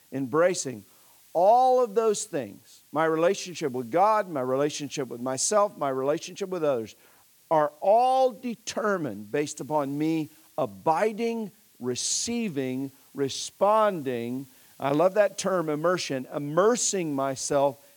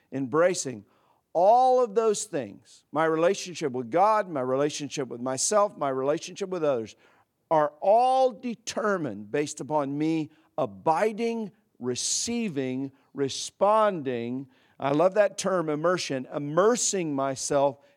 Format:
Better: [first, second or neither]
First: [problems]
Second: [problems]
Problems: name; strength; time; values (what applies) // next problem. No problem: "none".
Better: second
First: hiss; faint; throughout; 30 dB below the speech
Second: none